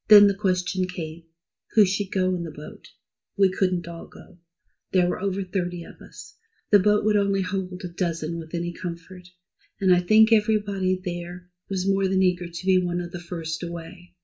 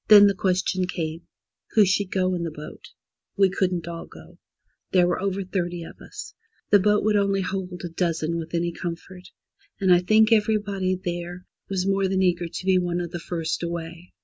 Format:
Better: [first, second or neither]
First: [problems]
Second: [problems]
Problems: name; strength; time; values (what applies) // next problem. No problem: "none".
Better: second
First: room echo; dies away in 0.2 s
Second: none